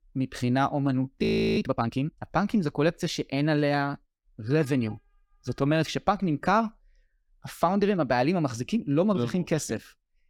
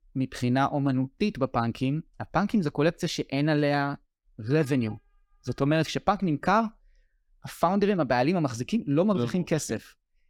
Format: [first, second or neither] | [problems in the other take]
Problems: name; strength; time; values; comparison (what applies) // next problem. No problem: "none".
second | audio freezing; at 1 s